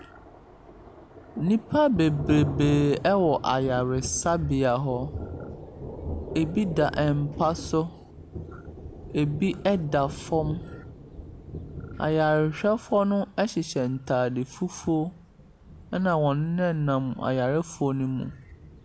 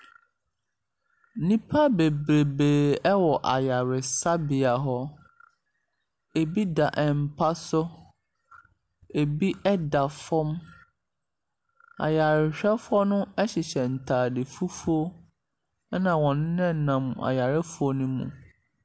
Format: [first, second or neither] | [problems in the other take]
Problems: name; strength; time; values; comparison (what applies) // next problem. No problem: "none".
second | background sound (Thunder); 12 dB below the speech